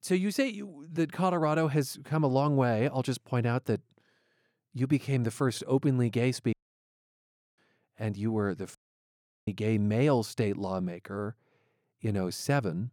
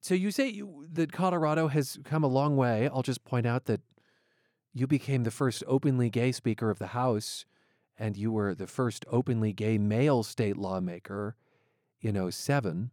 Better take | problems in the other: second | audio cutting out; at 6.5 s for 1 s and at 9 s for 0.5 s

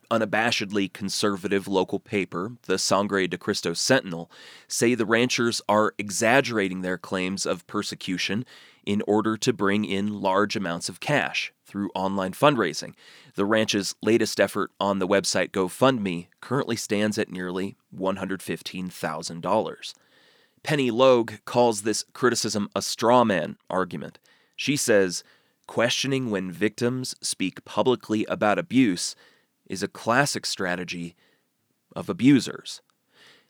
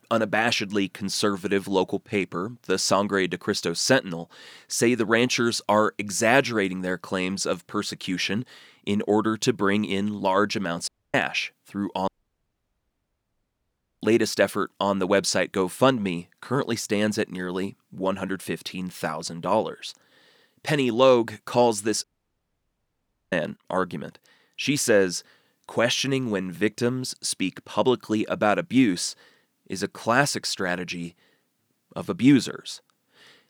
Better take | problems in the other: first | audio cutting out; at 11 s, at 12 s for 2 s and at 22 s for 1.5 s

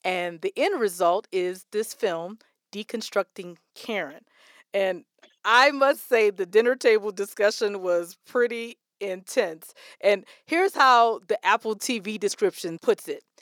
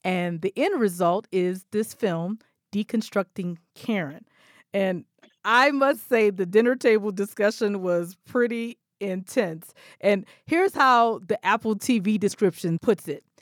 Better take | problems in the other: second | thin; somewhat; fading below 450 Hz

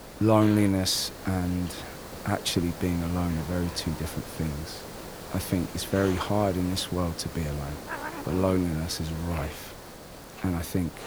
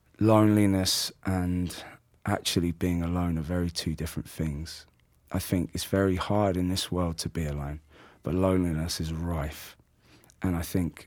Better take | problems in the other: second | hiss; noticeable; throughout; 10 dB below the speech

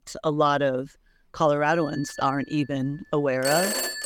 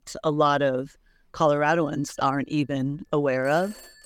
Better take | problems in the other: second | alarms or sirens; loud; from 2 s on; 3 dB below the speech; faint in the second

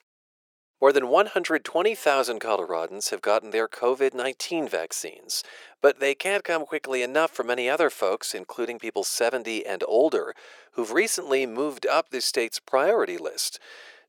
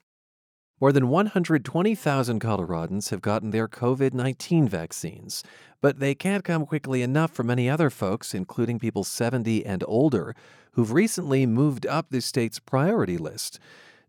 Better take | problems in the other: second | thin; very; fading below 400 Hz

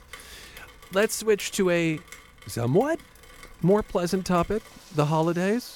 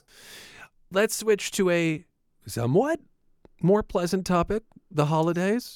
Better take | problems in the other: second | rain or running water; faint; throughout; 20 dB below the speech

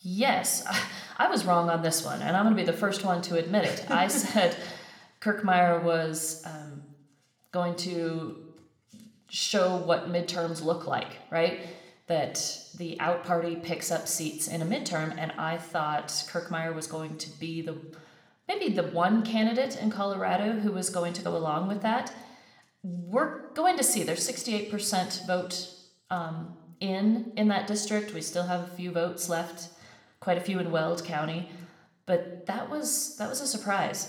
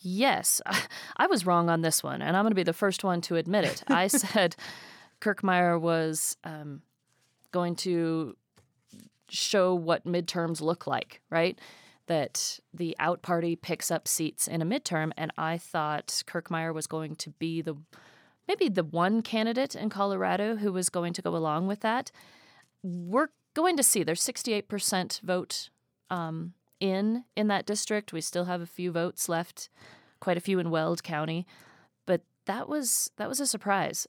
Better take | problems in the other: second | room echo; slight; dies away in 0.8 s

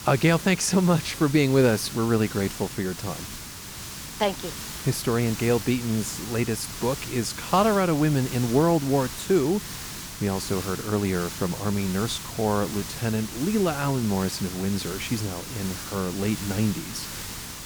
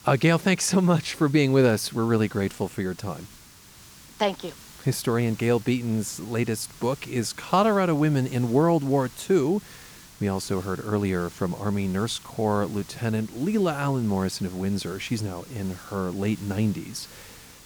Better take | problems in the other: second | hiss; loud; throughout; 9 dB below the speech; faint in the second

